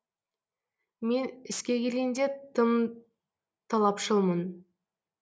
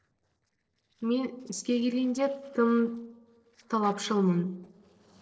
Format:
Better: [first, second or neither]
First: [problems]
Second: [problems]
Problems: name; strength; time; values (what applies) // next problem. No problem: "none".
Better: first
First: none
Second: noise reduction (neural separator model SepFormer DNS4)